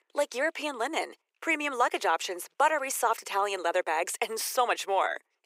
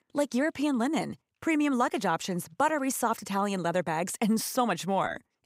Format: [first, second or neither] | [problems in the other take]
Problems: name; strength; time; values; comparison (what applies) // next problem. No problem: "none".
second | thin; very; fading below 400 Hz